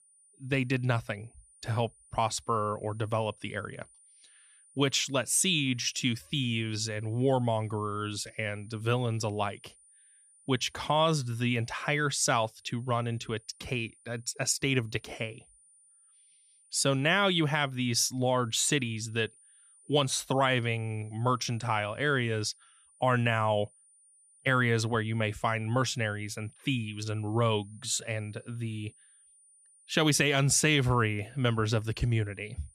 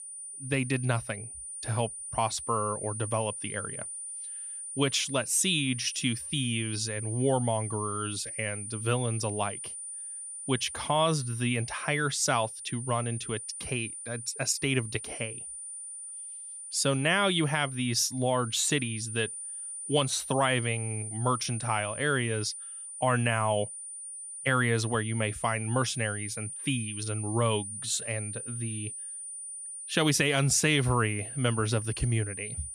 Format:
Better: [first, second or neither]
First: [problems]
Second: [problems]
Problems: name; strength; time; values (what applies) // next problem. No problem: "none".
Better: first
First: high-pitched whine; faint; throughout; 9.5 kHz, 30 dB below the speech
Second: high-pitched whine; loud; throughout; 9.5 kHz, 8 dB below the speech